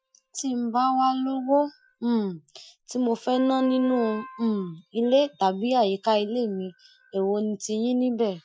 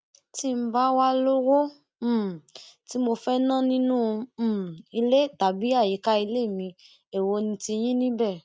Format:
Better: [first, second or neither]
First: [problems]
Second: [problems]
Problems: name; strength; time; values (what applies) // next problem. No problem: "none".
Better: second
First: noise reduction (classical method Wiener filter)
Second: none